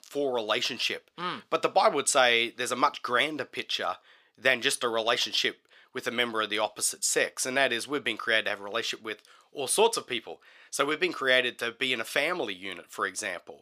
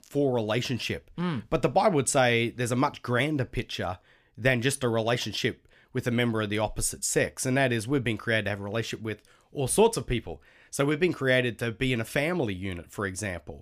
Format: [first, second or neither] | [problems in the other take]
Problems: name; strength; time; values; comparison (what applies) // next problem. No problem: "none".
second | thin; somewhat; fading below 400 Hz